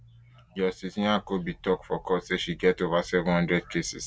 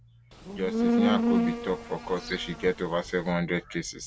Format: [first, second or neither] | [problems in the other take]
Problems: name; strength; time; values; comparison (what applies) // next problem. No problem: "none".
first | background sound (Insect); 2 dB above the speech